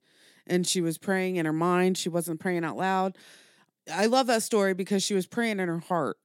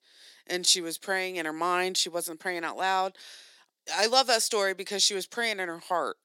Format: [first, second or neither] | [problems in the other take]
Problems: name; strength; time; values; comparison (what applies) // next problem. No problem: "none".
first | thin; very; fading below 500 Hz